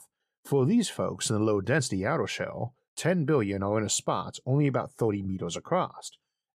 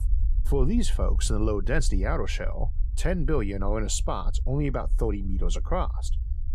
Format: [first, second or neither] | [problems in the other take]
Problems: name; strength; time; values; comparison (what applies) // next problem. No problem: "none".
first | low rumble; faint; throughout; 20 dB below the speech